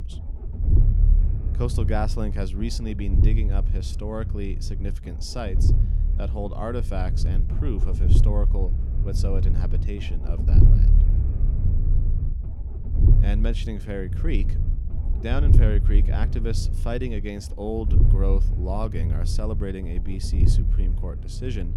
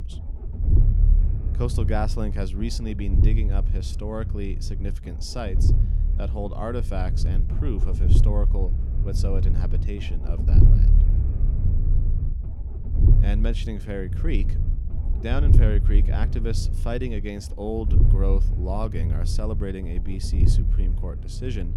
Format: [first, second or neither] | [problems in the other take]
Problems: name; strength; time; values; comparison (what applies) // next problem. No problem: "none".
neither | low rumble; loud; throughout; 6 dB below the speech; the same in both